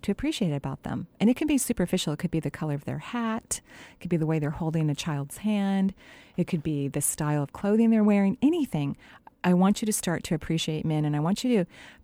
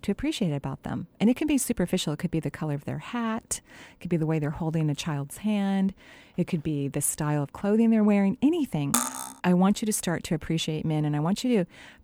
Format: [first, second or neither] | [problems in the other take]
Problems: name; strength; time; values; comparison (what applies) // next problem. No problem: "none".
first | clattering dishes; loud; at 9 s; peak 1 dB above the speech